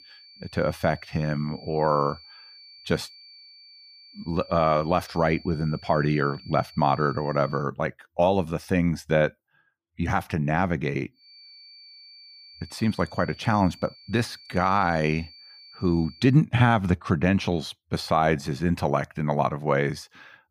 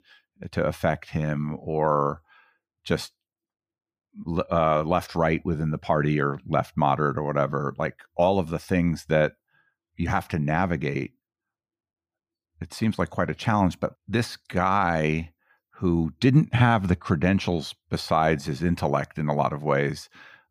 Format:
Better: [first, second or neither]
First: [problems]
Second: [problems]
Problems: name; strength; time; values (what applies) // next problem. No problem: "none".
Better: second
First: high-pitched whine; faint; until 7.5 s and from 11 to 16 s; 4.5 kHz, 20 dB below the speech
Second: none